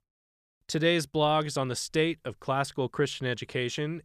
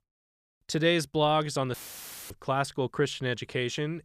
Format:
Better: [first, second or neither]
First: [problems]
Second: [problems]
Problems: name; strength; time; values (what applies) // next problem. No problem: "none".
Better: first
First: none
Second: audio cutting out; filled with static; at 1.5 s for 0.5 s